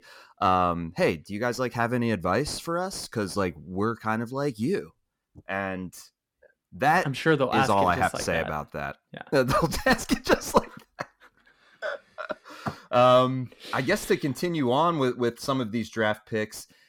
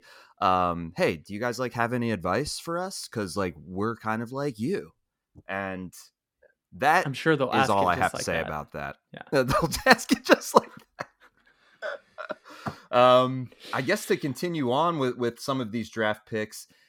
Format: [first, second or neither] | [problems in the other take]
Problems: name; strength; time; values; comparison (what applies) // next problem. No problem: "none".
second | distortion; slight; 10 dB below the speech